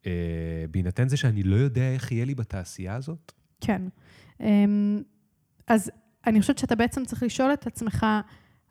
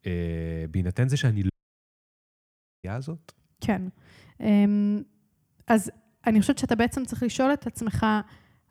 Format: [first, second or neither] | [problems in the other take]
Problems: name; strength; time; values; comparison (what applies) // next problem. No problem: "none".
first | audio cutting out; at 1.5 s for 1.5 s